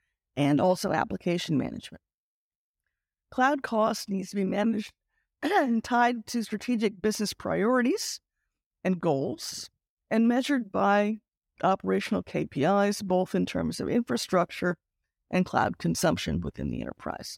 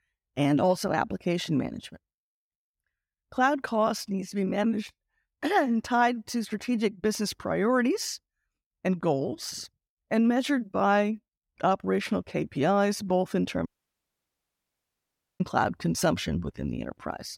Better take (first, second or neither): first